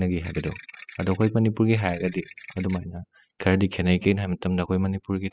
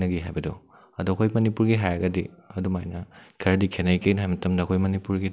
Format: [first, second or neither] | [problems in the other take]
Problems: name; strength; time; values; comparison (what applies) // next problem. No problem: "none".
second | noise reduction (classical method spectral subtraction)